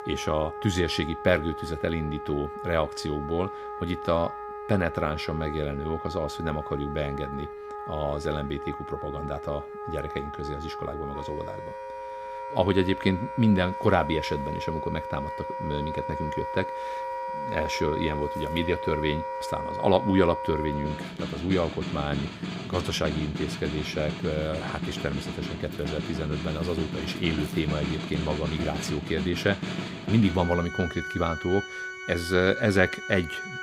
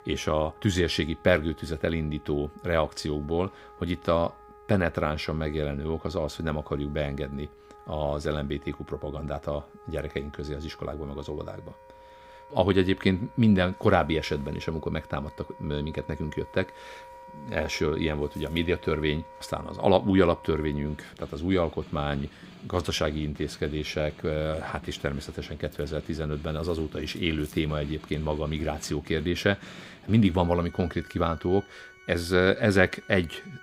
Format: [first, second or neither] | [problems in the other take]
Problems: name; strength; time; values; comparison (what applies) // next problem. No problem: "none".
second | background music; loud; throughout; 6 dB below the speech; faint in the second